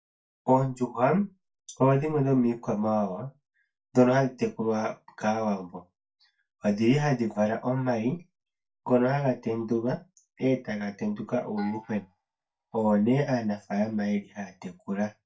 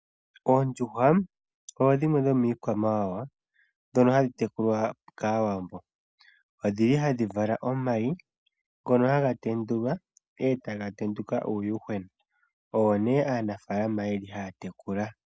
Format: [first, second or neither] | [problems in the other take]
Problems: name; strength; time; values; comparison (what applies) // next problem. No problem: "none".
second | noise reduction (neural mask model DeepFilterNet 3)